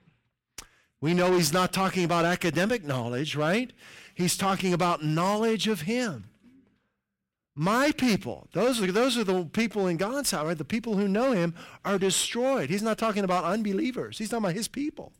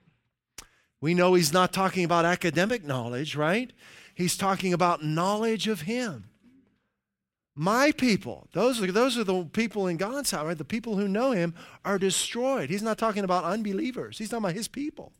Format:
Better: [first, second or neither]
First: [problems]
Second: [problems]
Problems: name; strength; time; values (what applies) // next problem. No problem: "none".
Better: second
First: distortion; slight; 7% of the sound clipped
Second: none